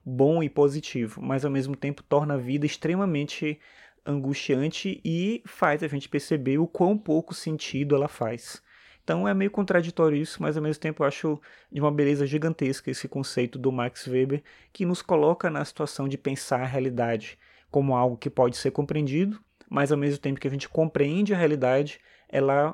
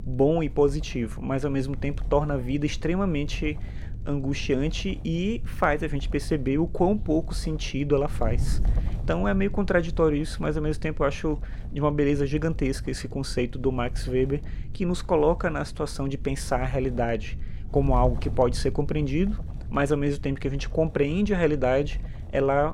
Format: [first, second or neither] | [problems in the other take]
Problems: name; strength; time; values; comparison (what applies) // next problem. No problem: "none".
first | wind noise on the microphone; occasional gusts; 20 dB below the speech